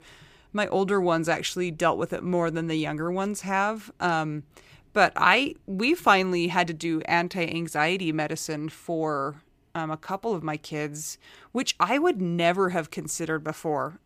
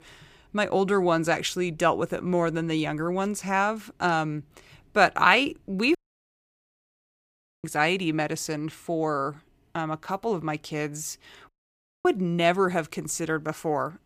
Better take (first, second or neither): first